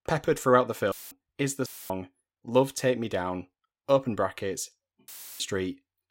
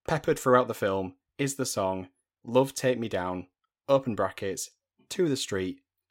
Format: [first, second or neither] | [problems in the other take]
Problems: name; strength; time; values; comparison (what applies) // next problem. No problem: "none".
second | audio cutting out; filled with static; at 1 s, at 1.5 s and at 5 s